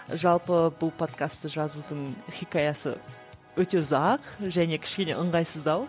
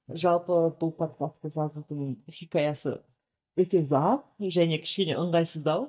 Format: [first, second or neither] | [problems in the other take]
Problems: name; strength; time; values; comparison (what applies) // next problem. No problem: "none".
first | noise reduction (neural mask model DeepFilterNet 3)